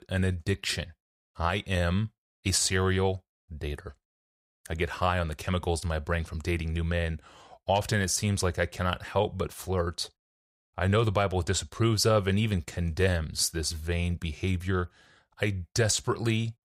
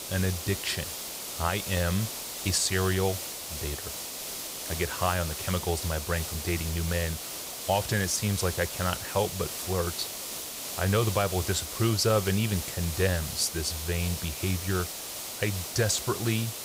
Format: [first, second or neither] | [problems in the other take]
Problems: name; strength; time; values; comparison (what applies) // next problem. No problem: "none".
first | hiss; loud; throughout; 5 dB below the speech